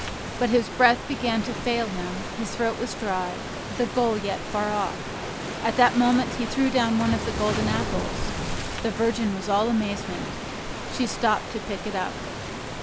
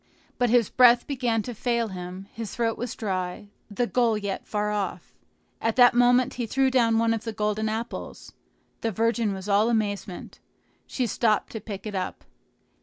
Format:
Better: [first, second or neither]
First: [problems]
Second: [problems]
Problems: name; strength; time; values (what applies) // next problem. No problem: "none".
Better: second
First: background sound (Waves, surf); 5 dB below the speech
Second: none